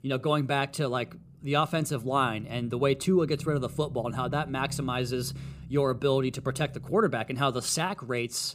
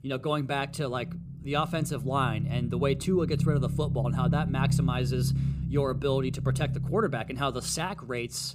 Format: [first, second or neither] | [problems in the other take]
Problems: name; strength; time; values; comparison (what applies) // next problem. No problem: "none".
first | low rumble; loud; throughout; 10 dB below the speech; faint in the first